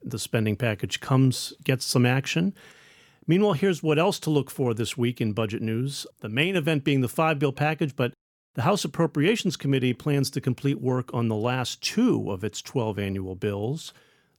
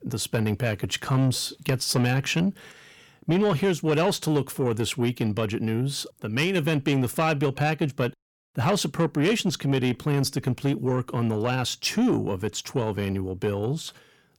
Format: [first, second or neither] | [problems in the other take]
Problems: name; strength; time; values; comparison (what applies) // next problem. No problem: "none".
first | distortion; slight; 10 dB below the speech